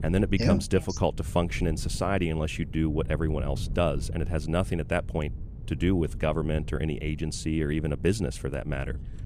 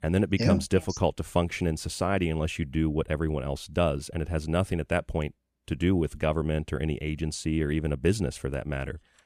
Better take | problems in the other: second | wind noise on the microphone; occasional gusts; 20 dB below the speech

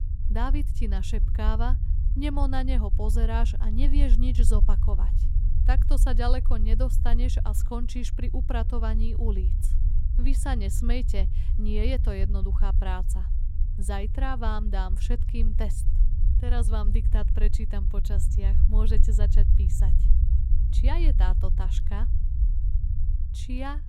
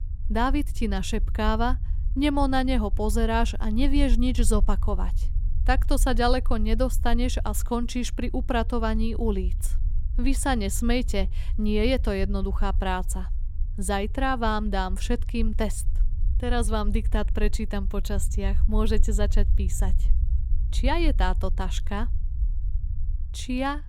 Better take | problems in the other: second | low rumble; loud; throughout; 10 dB below the speech; faint in the second

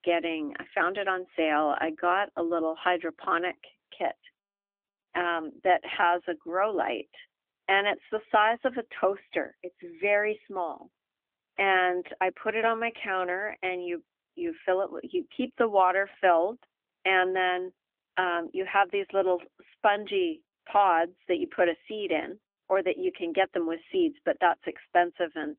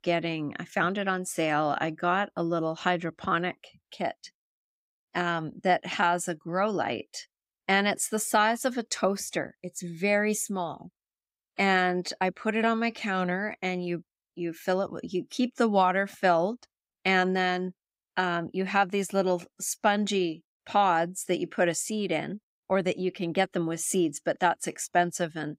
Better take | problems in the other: second | phone-call audio; nothing above 3.5 kHz

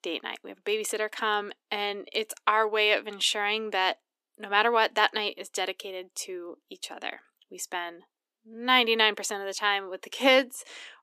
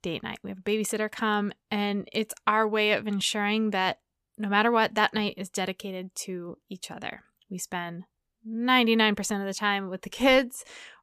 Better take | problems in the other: second | thin; somewhat; fading below 300 Hz

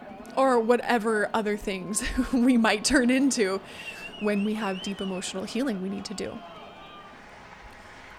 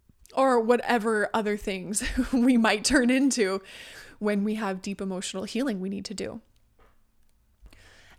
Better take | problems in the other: second | train or aircraft noise; noticeable; throughout; 15 dB below the speech

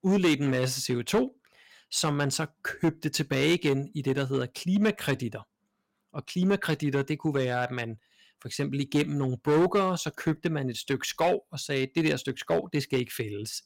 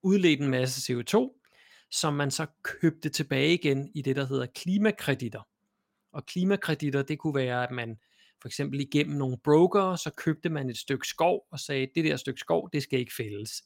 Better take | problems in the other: second | distortion; slight; 4% of the sound clipped

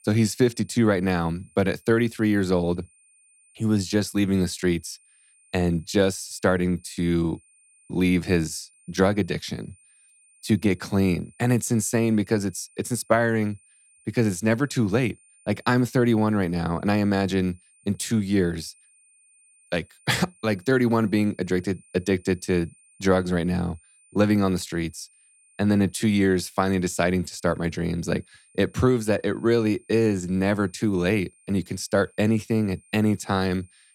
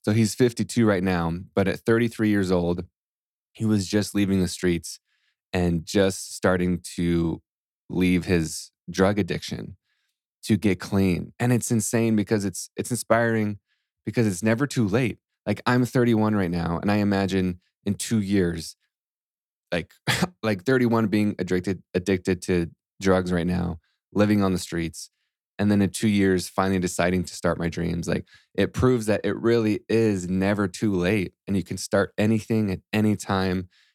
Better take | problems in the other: second | high-pitched whine; faint; throughout; 9 kHz, 30 dB below the speech

